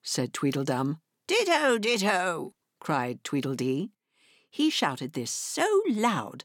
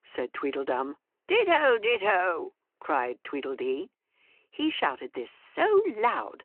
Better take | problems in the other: first | phone-call audio

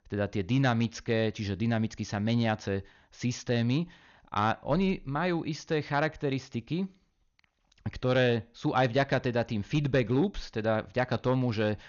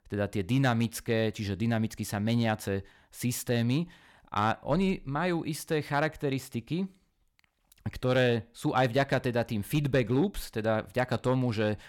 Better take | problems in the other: second | garbled, watery; slightly; nothing above 6.5 kHz

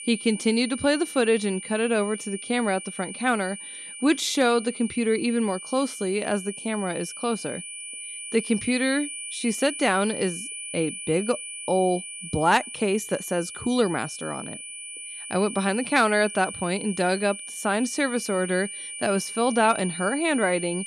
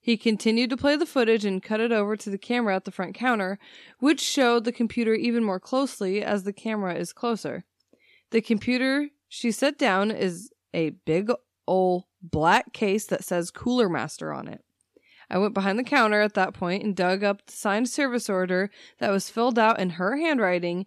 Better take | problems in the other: second | high-pitched whine; loud; throughout; 9.5 kHz, 9 dB below the speech

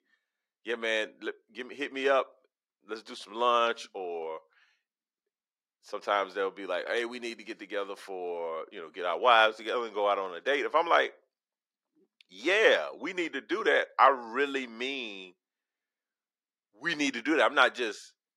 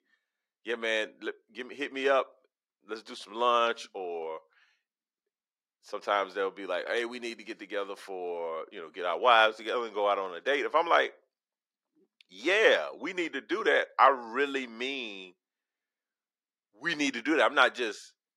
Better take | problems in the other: neither | thin; very slightly; fading below 300 Hz; the same in both

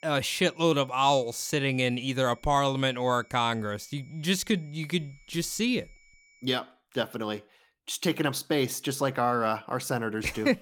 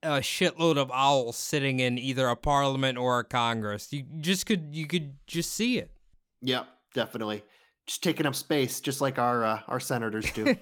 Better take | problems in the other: second | high-pitched whine; faint; until 6.5 s; 2.5 kHz, 30 dB below the speech

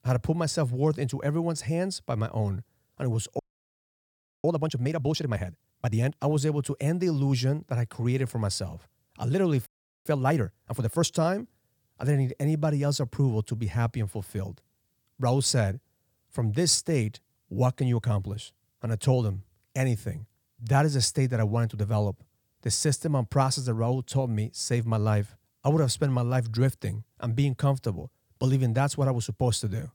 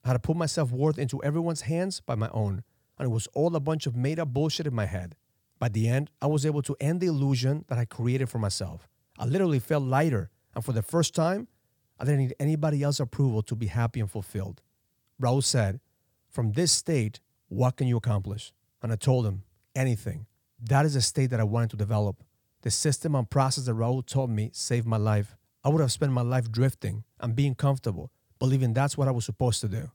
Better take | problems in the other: second | audio freezing; at 3.5 s for 1 s and at 9.5 s

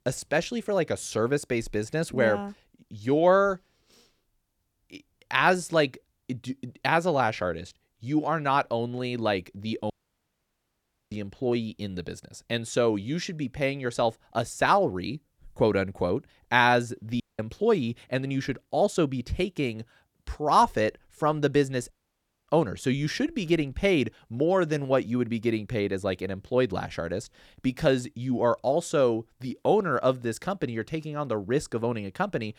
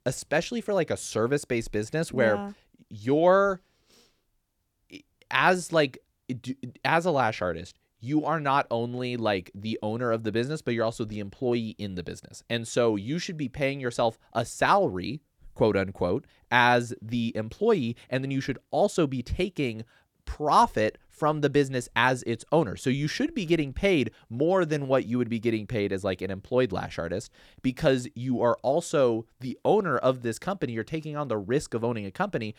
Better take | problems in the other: second | audio cutting out; at 10 s for 1 s, at 17 s and at 22 s for 0.5 s

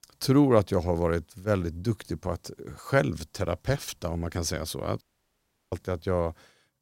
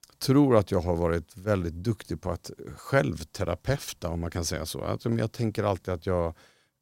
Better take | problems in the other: second | audio cutting out; at 5 s for 0.5 s

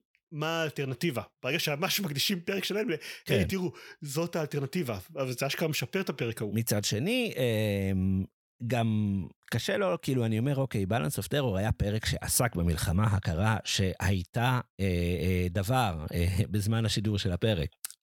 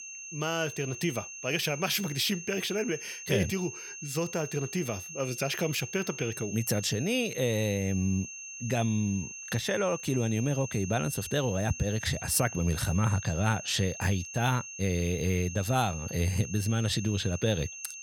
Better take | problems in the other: first | high-pitched whine; loud; throughout; 6.5 kHz, 10 dB below the speech

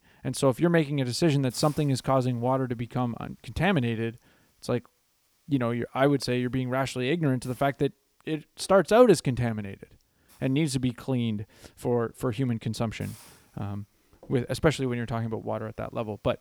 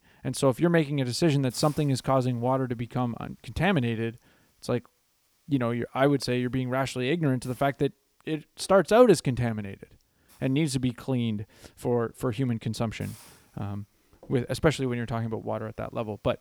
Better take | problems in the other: neither | hiss; faint; throughout; 30 dB below the speech; the same in both

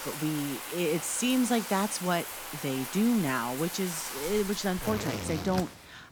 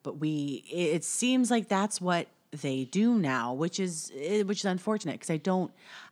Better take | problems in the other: second | household noises; loud; throughout; 7 dB below the speech

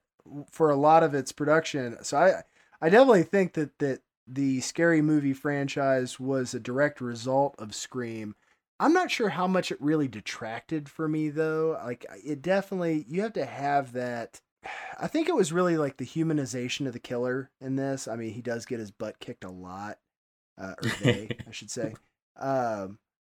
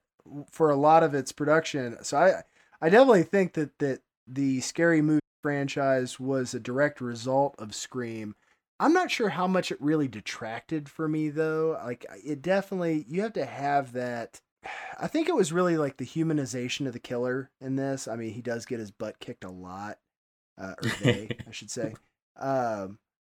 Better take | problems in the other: first | audio cutting out; at 5 s

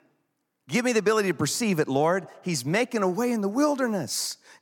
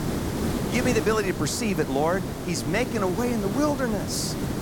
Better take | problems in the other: first | hiss; loud; throughout; 4 dB below the speech

